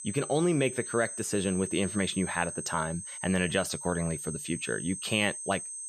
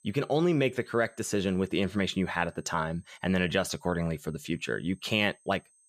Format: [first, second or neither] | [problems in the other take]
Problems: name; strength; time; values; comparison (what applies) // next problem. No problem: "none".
second | high-pitched whine; loud; throughout; 8.5 kHz, 7 dB below the speech; faint in the second